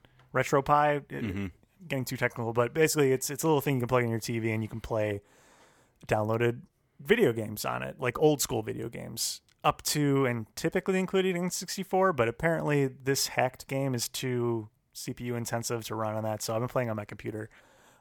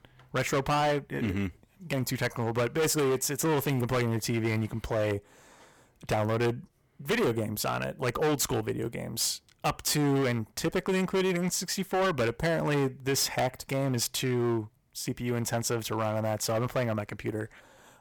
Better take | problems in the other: first | distortion; heavy; 13% of the sound clipped

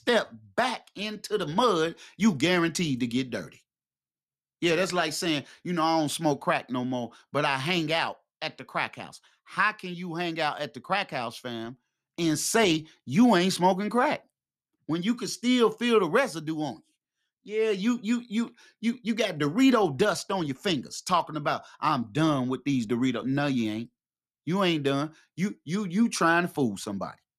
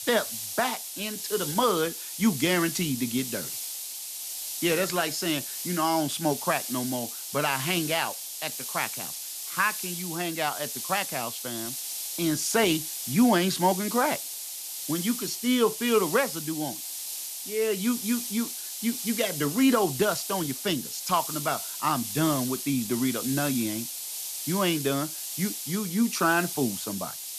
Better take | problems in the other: first | hiss; loud; throughout; 5 dB below the speech

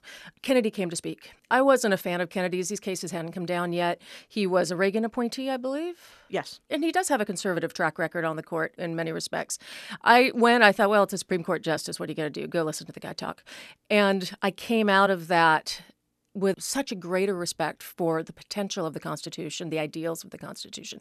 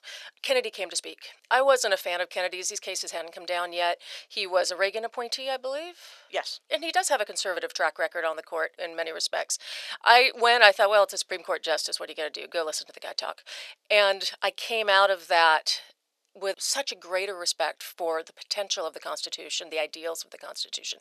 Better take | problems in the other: first | thin; very; fading below 500 Hz

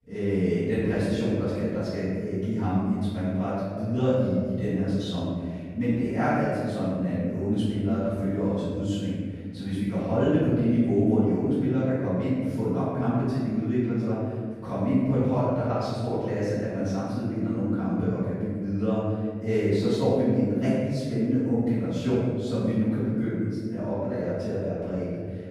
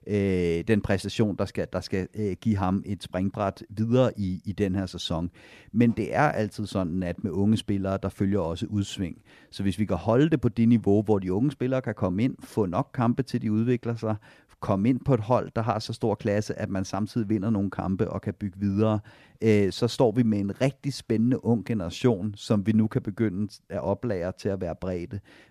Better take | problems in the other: second | off-mic speech; far // room echo; strong; dies away in 2 s

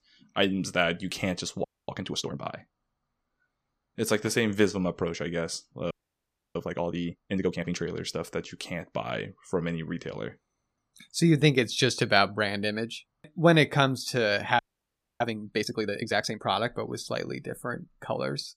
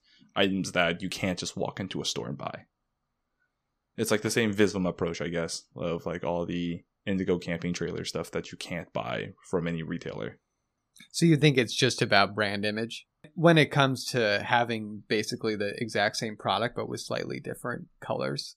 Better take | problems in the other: second | audio freezing; at 1.5 s, at 6 s for 0.5 s and at 15 s for 0.5 s

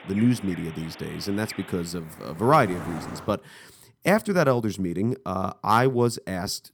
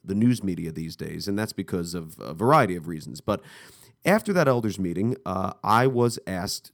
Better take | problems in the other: second | animal sounds; noticeable; until 3.5 s; 15 dB below the speech

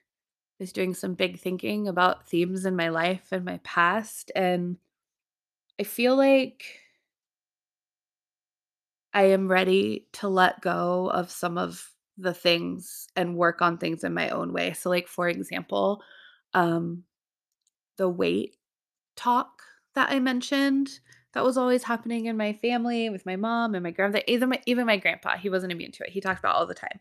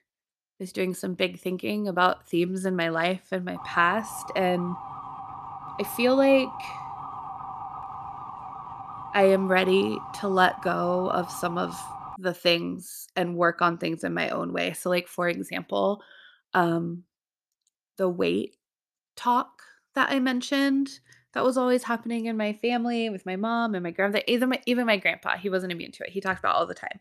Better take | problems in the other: first | siren; faint; from 3.5 to 12 s; peak 10 dB below the speech

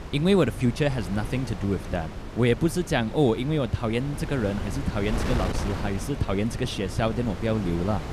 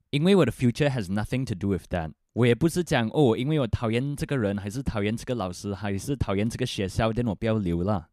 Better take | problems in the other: second | wind noise on the microphone; heavy; 9 dB below the speech

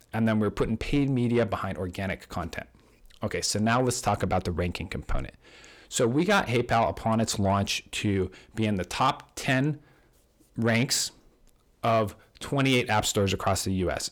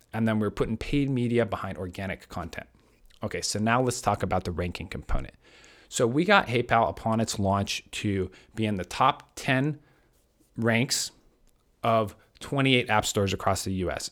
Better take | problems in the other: second | distortion; slight; 10 dB below the speech

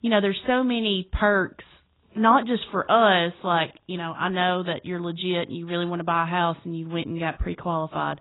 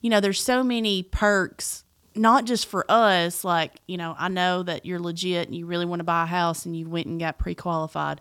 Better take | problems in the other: second | garbled, watery; badly; nothing above 4 kHz

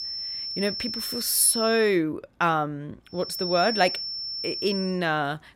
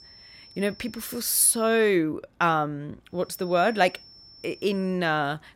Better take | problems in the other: second | high-pitched whine; loud; until 2 s and from 3.5 to 5 s; 5.5 kHz, 5 dB below the speech; faint in the second

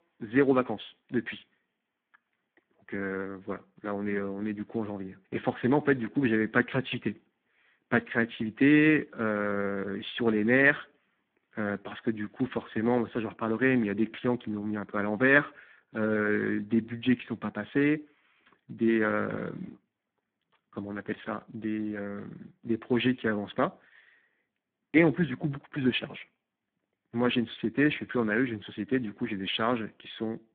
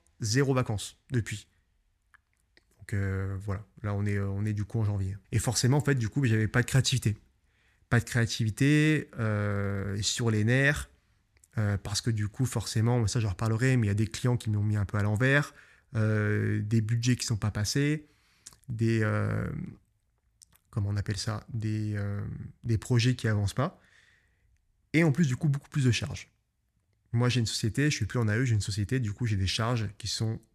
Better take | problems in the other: second | phone-call audio; poor line

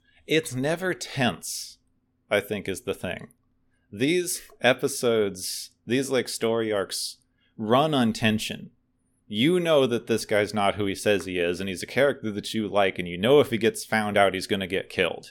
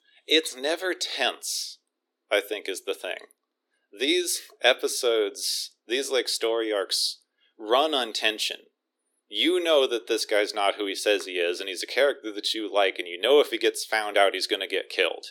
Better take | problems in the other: first | thin; somewhat; fading below 300 Hz

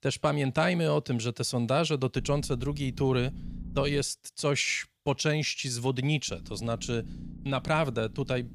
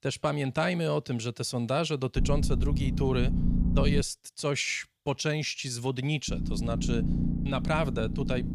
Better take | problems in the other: first | low rumble; loud; from 2 to 4 s and from 6.5 s on; 8 dB below the speech; faint in the first

